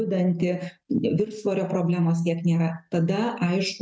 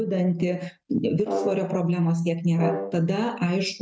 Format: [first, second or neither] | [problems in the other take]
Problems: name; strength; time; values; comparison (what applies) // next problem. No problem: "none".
first | background sound (Brass instrument); 8 dB below the speech